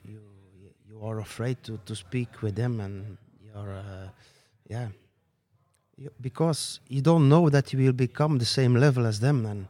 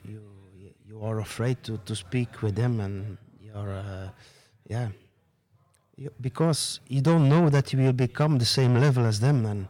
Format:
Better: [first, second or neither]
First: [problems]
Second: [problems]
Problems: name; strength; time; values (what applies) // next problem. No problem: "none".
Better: first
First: none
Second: distortion; slight; 10 dB below the speech